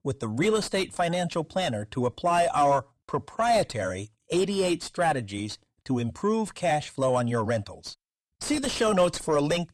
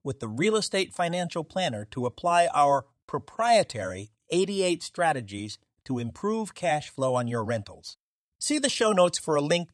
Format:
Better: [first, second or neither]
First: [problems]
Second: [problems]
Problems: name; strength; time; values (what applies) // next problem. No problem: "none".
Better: second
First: distortion; slight; 10 dB below the speech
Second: none